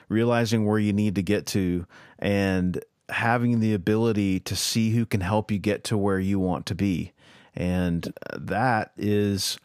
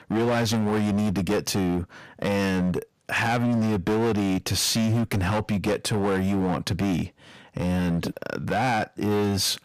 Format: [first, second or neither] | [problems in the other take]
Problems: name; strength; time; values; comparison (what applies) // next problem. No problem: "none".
first | distortion; heavy; 21% of the sound clipped